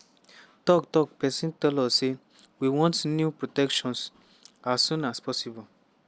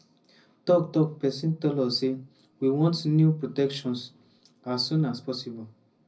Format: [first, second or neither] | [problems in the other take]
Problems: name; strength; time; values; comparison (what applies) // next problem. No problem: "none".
first | room echo; dies away in 0.4 s